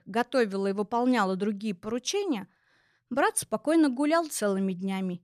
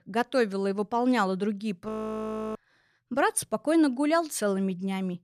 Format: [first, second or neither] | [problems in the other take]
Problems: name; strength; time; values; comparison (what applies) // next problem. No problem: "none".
first | audio freezing; at 2 s for 0.5 s